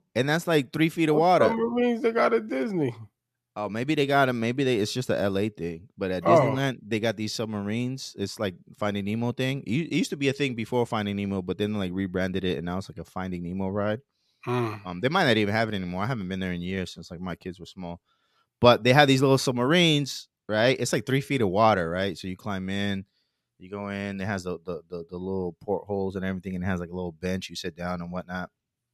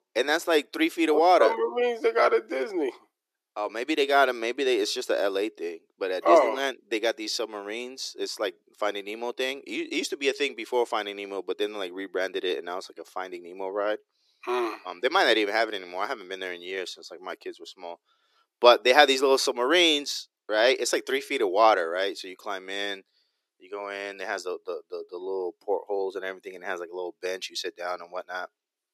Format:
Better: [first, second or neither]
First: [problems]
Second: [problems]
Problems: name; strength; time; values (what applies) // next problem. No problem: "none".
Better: first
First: none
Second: thin; very; fading below 350 Hz